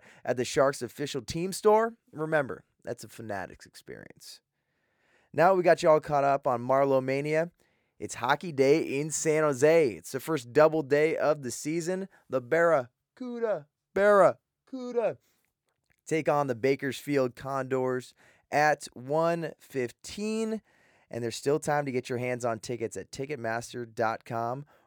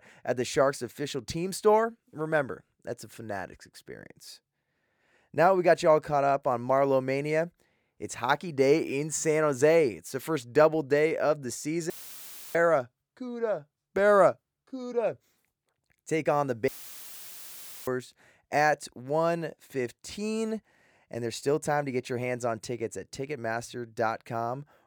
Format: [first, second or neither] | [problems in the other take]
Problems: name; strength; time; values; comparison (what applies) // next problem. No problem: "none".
first | audio cutting out; filled with static; at 12 s for 0.5 s and at 17 s for 1 s